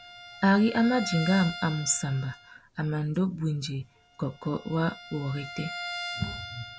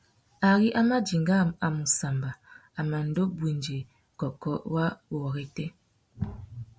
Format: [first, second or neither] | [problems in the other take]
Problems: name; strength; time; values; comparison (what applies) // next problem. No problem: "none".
second | background sound (Bowed string instrument); 12 dB below the speech